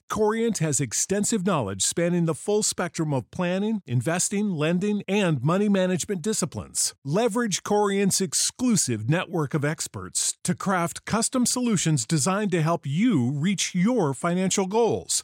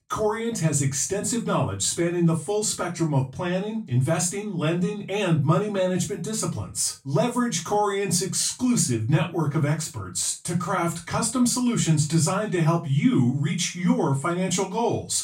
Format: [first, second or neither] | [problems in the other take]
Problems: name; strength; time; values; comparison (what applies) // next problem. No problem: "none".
first | off-mic speech; far // room echo; very slight; dies away in 0.2 s